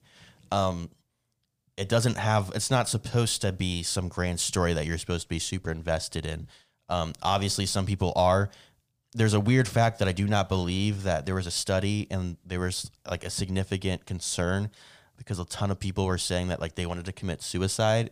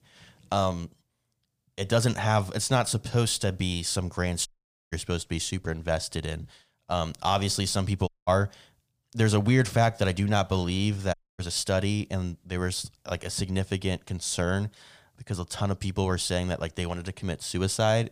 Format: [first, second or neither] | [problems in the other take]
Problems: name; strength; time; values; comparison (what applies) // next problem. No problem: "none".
first | audio cutting out; at 4.5 s, at 8 s and at 11 s